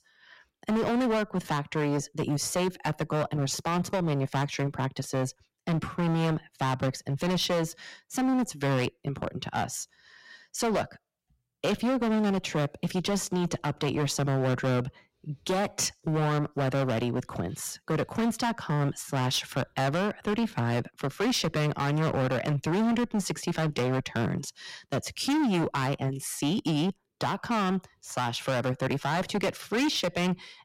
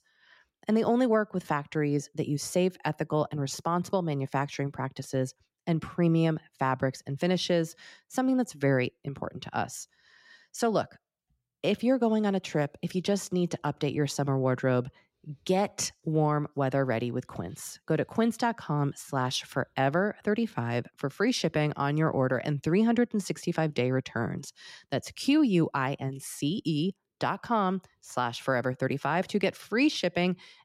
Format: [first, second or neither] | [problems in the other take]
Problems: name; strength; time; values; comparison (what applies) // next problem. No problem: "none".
second | distortion; heavy; 17% of the sound clipped